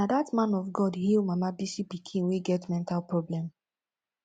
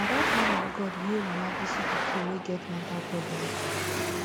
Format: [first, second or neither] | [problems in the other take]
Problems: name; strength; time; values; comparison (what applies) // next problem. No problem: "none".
first | background sound (Traffic noise, roadway noise); 4 dB above the speech